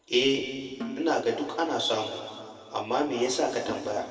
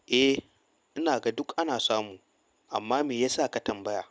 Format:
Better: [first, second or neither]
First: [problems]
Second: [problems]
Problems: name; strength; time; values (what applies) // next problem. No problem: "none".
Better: second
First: background sound (Snare drum); 16 dB below the speech // room echo; dies away in 2.2 s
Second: none